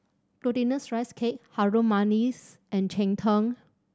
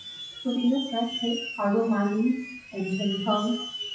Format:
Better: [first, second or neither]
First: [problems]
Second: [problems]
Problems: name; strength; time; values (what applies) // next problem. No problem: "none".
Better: first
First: none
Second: noise reduction (classical method WPE with log-MMSE)